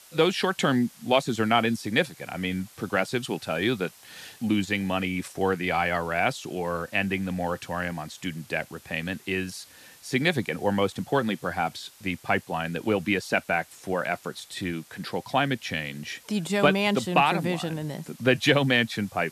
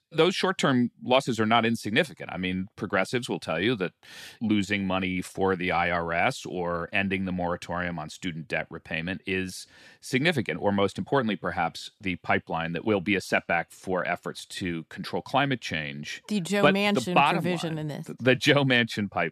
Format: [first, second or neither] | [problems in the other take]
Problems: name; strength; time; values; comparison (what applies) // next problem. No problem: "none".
second | hiss; faint; throughout; 25 dB below the speech